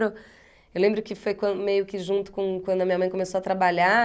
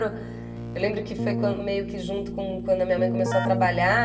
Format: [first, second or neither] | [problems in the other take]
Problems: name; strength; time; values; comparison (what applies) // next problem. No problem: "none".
first | background sound (Keyboard (musical)); 4 dB below the speech // room echo; dies away in 1.5 s